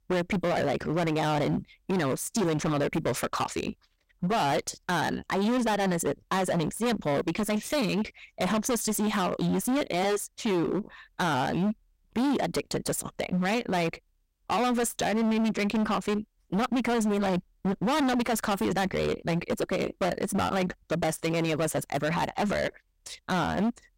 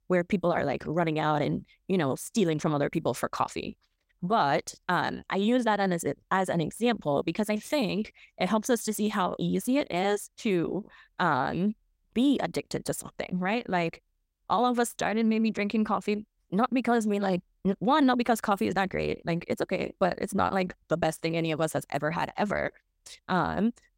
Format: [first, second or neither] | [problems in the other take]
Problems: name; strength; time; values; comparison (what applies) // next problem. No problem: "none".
second | distortion; heavy; 22% of the sound clipped